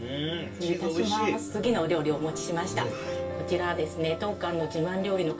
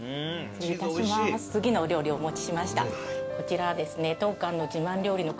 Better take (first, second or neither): second